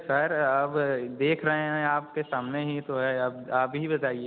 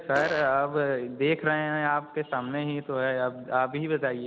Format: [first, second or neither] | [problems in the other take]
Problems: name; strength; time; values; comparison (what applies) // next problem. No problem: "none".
first | background sound (Fart); 9 dB below the speech